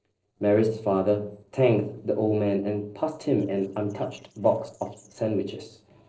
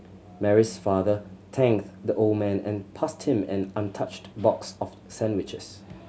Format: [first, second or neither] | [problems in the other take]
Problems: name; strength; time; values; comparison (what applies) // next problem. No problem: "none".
second | noise reduction (neural separator model SepFormer DNS4)